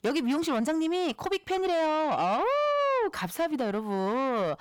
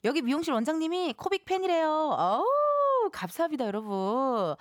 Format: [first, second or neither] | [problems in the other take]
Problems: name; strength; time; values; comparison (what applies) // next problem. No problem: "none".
second | distortion; slight; 10 dB below the speech